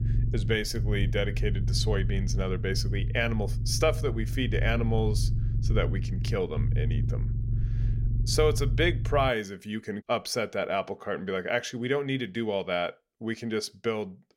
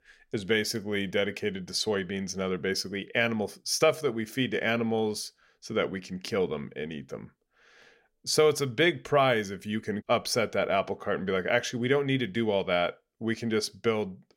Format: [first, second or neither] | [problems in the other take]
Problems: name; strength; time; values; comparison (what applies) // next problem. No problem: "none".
second | low rumble; noticeable; until 9.5 s; 15 dB below the speech